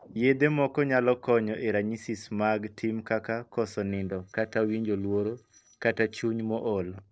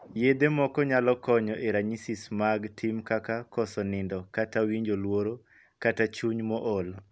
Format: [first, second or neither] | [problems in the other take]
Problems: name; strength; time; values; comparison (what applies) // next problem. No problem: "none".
second | noise reduction (neural separator model SepFormer DNS4)